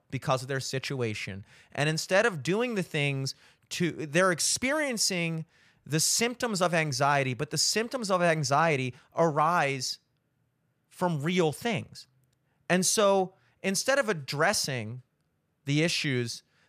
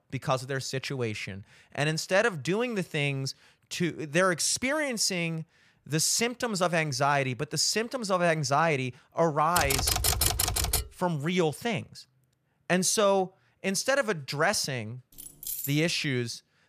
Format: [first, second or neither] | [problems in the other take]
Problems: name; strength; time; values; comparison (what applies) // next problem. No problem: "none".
first | keyboard typing; loud; from 9.5 to 11 s; peak 3 dB above the speech // jangling keys; noticeable; at 15 s; peak 6 dB below the speech